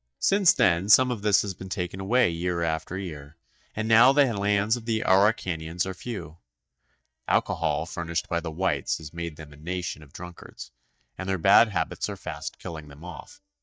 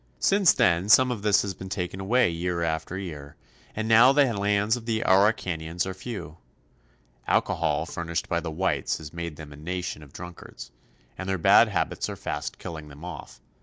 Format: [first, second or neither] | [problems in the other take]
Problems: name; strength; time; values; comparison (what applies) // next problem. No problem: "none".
second | noise reduction (neural mask model DeepFilterNet 3)